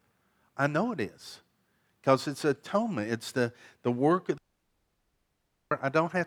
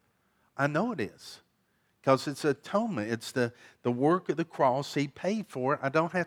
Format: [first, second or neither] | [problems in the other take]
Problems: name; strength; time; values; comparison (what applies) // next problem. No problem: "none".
second | audio cutting out; at 4.5 s for 1.5 s